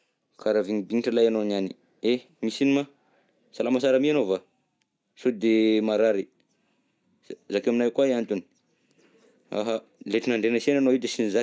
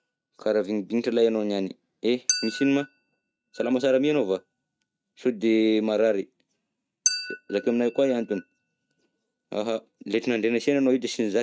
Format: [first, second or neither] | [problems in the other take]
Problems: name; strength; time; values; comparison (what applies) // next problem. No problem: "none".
first | noise reduction (neural mask model RNNoise)